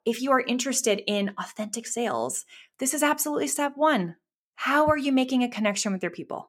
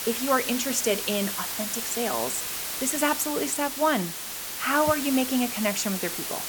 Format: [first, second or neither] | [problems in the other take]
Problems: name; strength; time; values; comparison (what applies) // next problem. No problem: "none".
first | hiss; loud; throughout; 3 dB below the speech